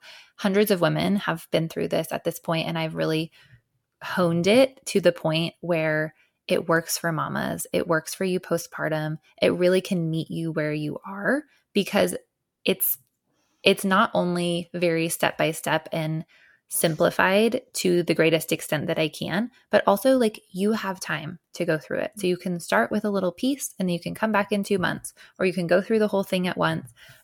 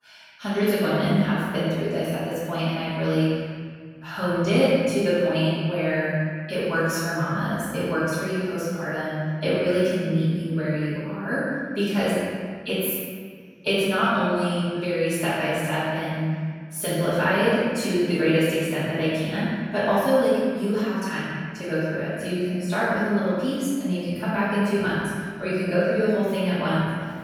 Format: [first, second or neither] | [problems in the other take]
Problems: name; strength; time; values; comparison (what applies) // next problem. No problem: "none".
first | room echo; strong; dies away in 2 s // off-mic speech; far